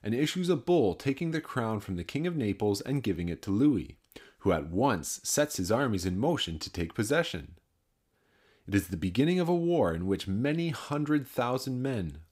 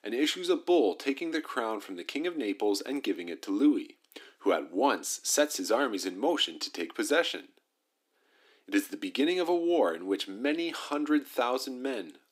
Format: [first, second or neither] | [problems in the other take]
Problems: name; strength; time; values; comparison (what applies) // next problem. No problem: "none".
first | thin; very slightly; fading below 300 Hz